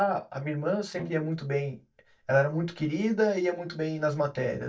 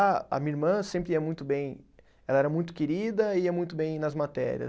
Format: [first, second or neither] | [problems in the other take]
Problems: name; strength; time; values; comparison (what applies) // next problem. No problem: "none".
second | noise reduction (neural mask model DeepFilterNet 3)